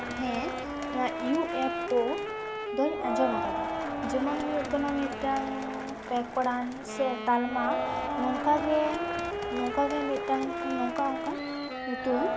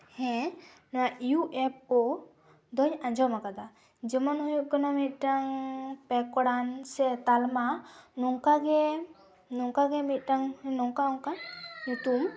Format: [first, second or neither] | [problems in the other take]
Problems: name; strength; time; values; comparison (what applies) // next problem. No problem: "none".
second | background sound (Crowd + Wind instrument, woodwind instrument); 2 dB below the speech